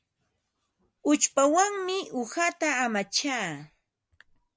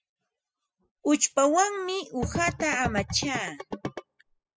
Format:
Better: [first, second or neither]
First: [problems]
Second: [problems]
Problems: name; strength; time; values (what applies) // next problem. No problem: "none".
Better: first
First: none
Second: noise reduction (classical method spectral subtraction)